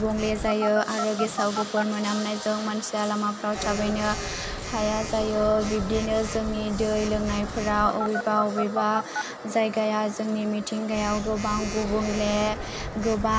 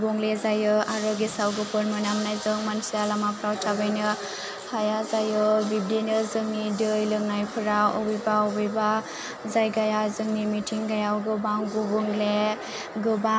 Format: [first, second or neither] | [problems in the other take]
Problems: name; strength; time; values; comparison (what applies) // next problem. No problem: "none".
second | background sound (Telephone); 9 dB below the speech